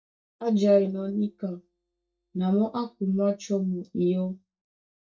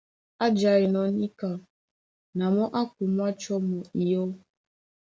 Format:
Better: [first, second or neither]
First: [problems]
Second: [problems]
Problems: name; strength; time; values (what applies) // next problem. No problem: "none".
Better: second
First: noise reduction (neural mask model DeepFilterNet 3)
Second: none